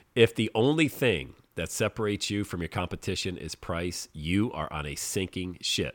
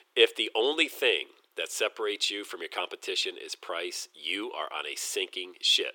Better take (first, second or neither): first